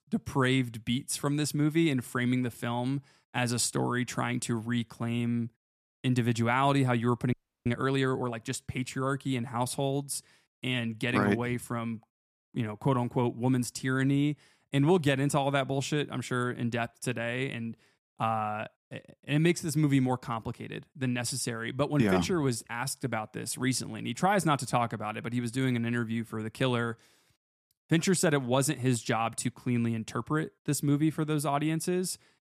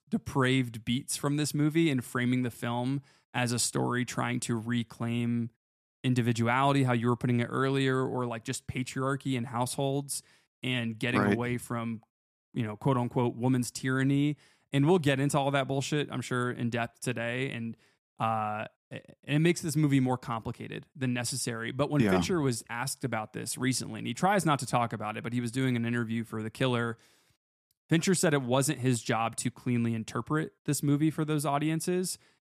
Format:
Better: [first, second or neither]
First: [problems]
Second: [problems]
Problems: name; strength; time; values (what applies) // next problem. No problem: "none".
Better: second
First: audio freezing; at 7.5 s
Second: none